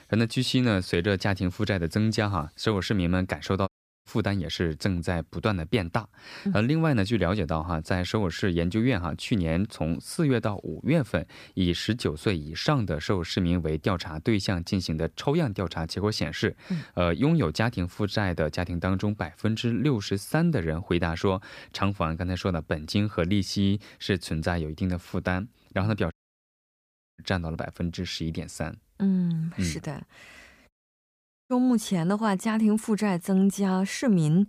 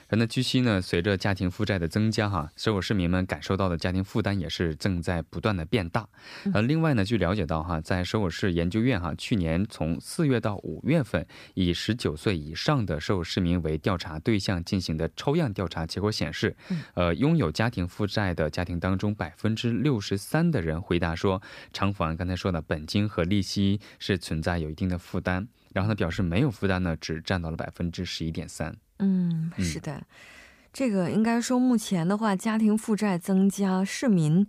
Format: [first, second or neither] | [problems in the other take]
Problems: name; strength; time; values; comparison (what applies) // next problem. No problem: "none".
second | audio cutting out; at 3.5 s, at 26 s for 1 s and at 31 s for 1 s